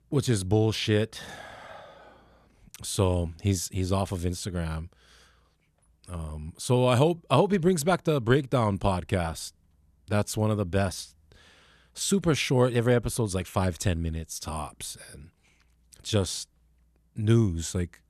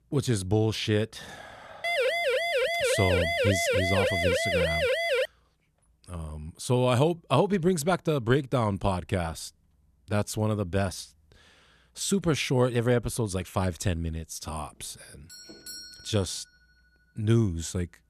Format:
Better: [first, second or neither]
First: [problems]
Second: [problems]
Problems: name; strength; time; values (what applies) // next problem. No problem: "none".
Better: first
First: none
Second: siren; loud; from 2 to 5.5 s; peak 3 dB above the speech // doorbell; faint; from 15 to 16 s; peak 10 dB below the speech